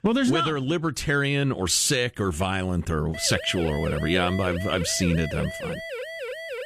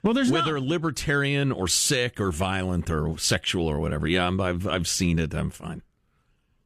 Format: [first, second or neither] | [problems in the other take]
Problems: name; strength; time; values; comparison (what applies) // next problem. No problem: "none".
second | siren; noticeable; from 3 s on; peak 9 dB below the speech